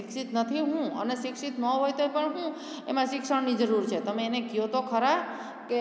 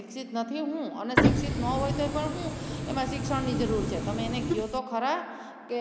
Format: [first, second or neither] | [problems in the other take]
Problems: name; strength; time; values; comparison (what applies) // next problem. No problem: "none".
first | background sound (Printer); 3 dB above the speech